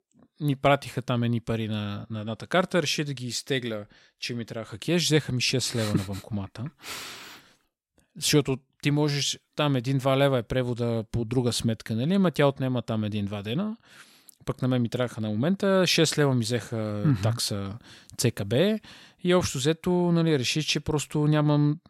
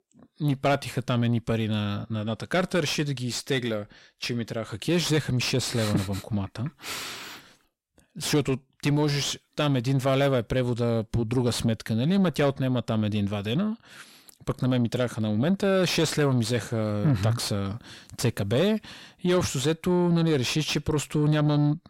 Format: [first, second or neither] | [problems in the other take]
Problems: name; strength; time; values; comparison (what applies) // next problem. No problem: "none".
first | distortion; slight; 10 dB below the speech